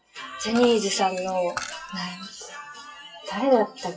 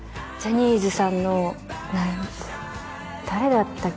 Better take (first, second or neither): second